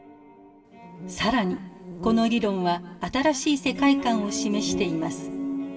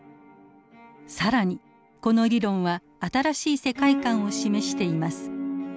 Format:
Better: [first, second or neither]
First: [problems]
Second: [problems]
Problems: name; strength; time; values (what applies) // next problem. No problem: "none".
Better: second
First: background sound (Insect); 14 dB below the speech // room echo; dies away in 1.8 s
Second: none